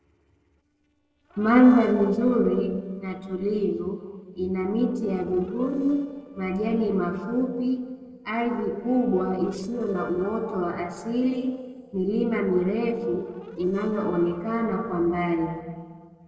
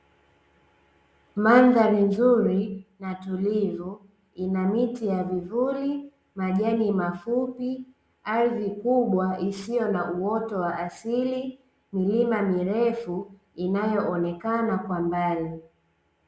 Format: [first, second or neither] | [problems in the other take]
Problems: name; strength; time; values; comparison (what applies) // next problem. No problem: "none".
second | noise reduction (neural separator model SepFormer DNS4)